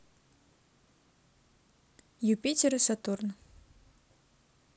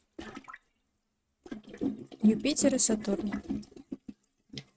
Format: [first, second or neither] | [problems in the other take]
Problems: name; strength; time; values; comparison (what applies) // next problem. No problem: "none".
first | noise reduction (neural mask model RNNoise)